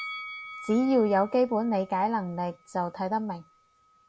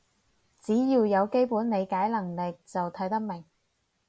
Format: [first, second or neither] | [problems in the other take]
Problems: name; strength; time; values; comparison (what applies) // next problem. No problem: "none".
second | background sound (Bell); 17 dB below the speech